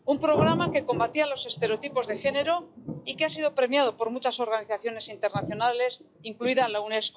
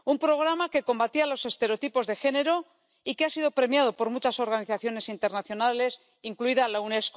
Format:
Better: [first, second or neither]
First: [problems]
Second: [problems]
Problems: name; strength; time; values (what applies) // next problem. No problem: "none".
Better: second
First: noise reduction (classical method log-MMSE)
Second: none